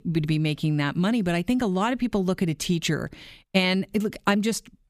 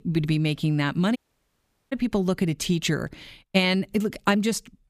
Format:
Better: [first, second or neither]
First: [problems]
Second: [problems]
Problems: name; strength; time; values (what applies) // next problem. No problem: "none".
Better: first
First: none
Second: audio cutting out; at 1 s for 1 s